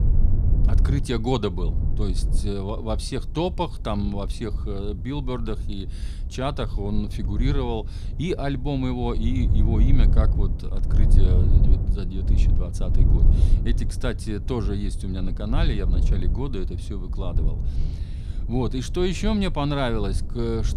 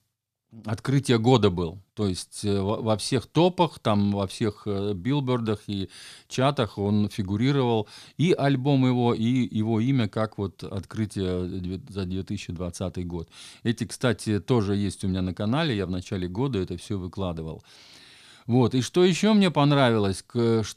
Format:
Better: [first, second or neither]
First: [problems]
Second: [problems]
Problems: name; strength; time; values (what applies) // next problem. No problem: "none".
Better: second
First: low rumble; noticeable; throughout; 10 dB below the speech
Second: none